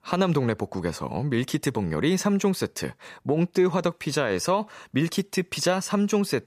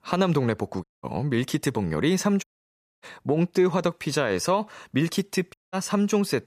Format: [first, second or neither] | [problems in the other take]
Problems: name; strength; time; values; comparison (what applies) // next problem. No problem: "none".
first | audio cutting out; at 1 s, at 2.5 s for 0.5 s and at 5.5 s